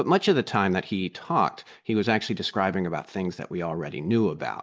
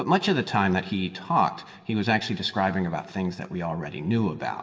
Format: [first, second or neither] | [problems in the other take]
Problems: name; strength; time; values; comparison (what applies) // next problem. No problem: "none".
first | room echo; dies away in 1.8 s